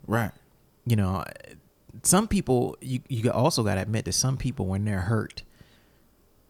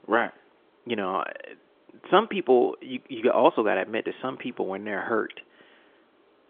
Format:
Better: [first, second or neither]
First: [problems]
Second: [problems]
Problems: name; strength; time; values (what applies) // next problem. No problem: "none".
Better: first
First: none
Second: phone-call audio; nothing above 3.5 kHz